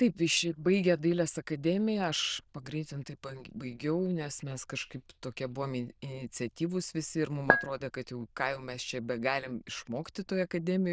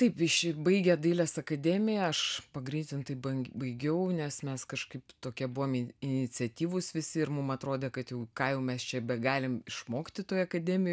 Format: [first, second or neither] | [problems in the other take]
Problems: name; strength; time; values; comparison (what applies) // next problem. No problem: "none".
second | noise reduction (neural diffusion model UNIVERSE++)